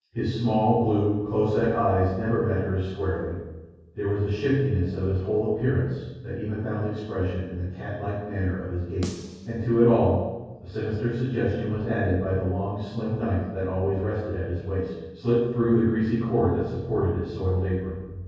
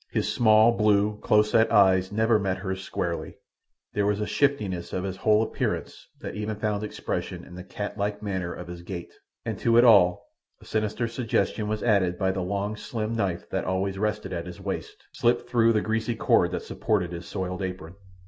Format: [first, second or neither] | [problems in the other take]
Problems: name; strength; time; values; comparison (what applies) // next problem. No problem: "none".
second | background sound (Snare drum); 16 dB below the speech // room echo; dies away in 1.3 s